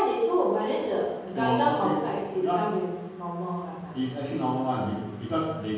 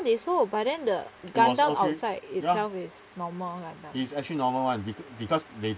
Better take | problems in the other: second | room echo; dies away in 1.3 s

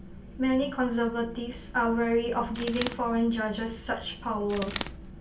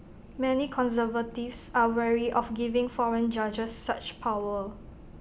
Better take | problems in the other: second | background sound (Bird); 9 dB below the speech // room echo; dies away in 0.2 s

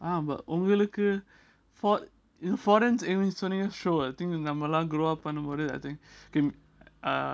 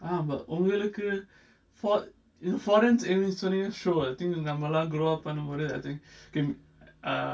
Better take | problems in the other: first | room echo; dies away in 0.2 s

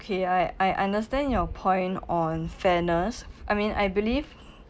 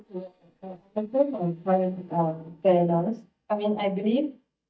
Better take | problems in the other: first | noise reduction (neural mask model DeepFilterNet 3)

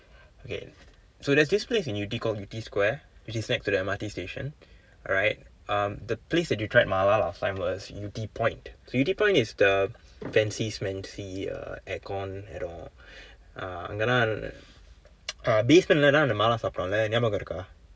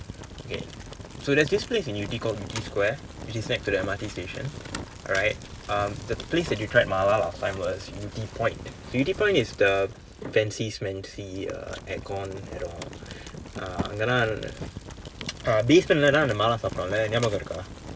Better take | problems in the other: first | background sound (Fire); 12 dB below the speech

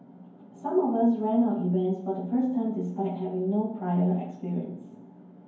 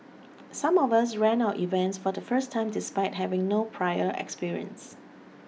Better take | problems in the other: second | room echo; dies away in 0.9 s

